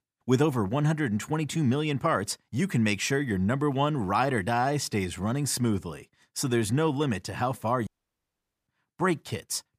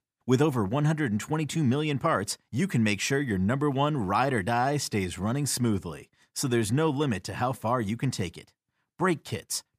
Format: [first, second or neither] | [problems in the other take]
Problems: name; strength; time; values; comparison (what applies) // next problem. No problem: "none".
second | audio cutting out; at 8 s for 1 s